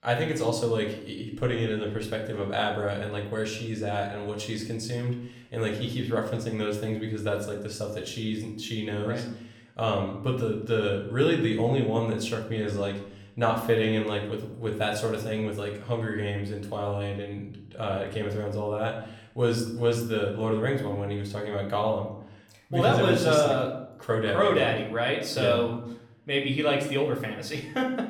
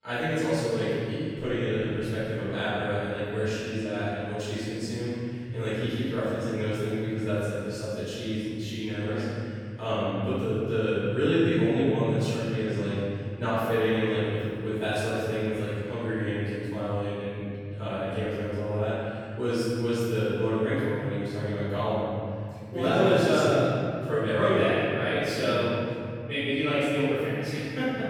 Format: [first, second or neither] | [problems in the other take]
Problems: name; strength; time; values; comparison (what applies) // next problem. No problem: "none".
first | room echo; strong; dies away in 3 s; slight in the first // off-mic speech; far; somewhat distant in the first